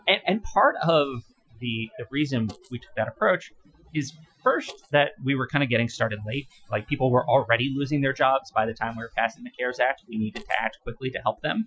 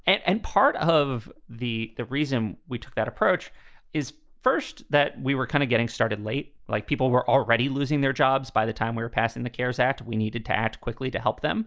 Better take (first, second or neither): second